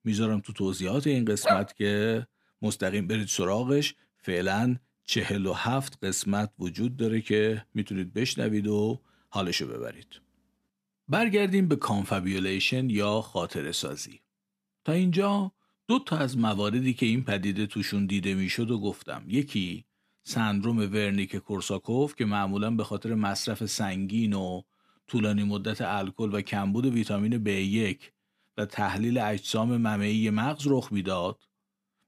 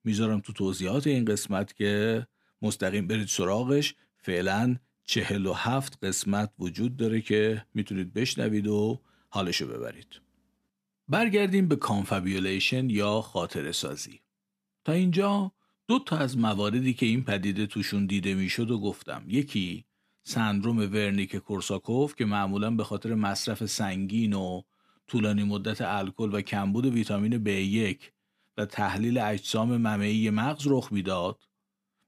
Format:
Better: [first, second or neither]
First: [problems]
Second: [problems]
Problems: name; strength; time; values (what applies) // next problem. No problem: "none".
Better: second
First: dog barking; loud; at 1.5 s; peak 2 dB above the speech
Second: none